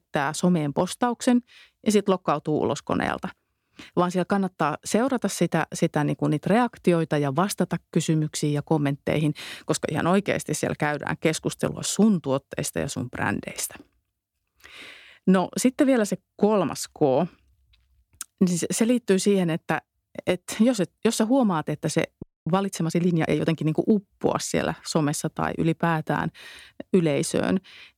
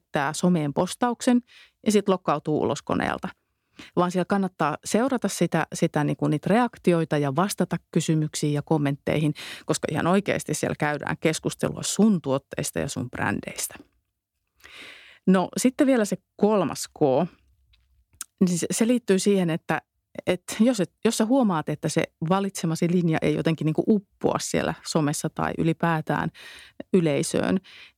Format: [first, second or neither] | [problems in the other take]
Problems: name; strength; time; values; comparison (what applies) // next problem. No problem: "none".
second | audio freezing; at 22 s